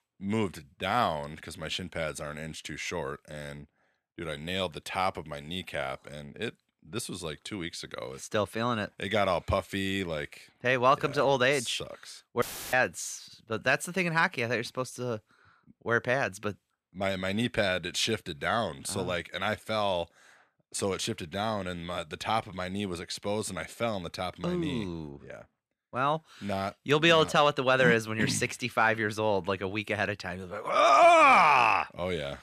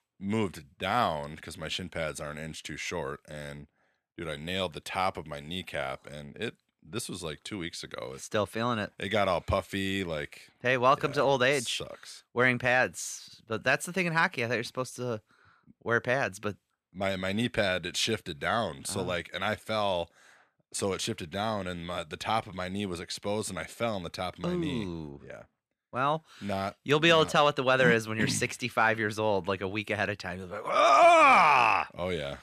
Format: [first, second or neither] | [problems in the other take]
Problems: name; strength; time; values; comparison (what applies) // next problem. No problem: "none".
second | audio cutting out; filled with static; at 12 s